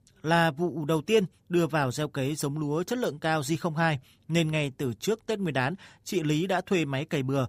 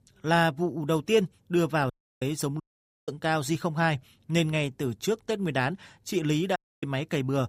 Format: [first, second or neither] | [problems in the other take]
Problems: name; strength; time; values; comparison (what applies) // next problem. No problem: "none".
first | audio cutting out; at 2 s, at 2.5 s and at 6.5 s